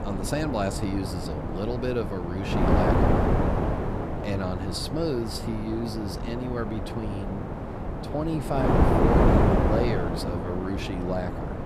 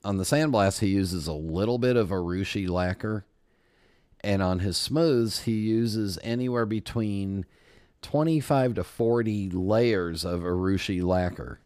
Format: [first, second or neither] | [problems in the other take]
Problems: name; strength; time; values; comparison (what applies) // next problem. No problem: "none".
second | wind noise on the microphone; heavy; 3 dB above the speech